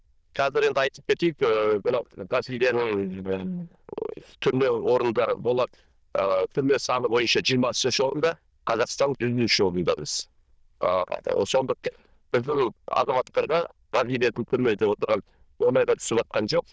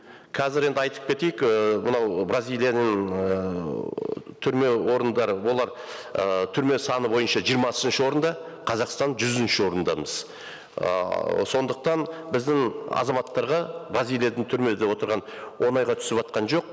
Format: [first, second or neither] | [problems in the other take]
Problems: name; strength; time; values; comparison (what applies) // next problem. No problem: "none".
second | noise reduction (neural diffusion model UNIVERSE++)